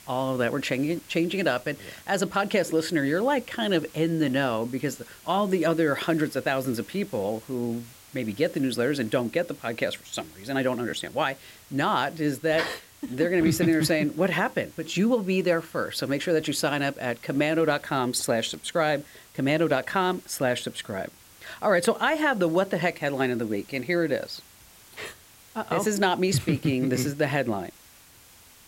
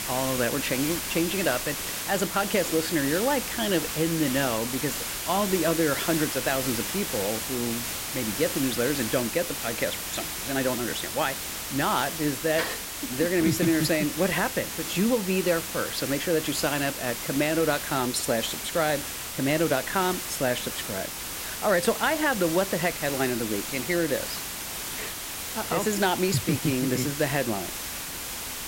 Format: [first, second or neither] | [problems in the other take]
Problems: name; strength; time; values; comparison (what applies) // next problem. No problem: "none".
first | hiss; loud; throughout; 4 dB below the speech; faint in the first